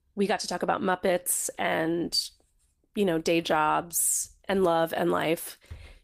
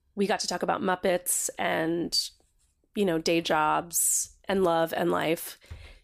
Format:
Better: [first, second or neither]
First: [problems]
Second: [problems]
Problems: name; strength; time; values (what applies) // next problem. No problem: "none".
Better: second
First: garbled, watery; slightly; nothing above 15 kHz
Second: none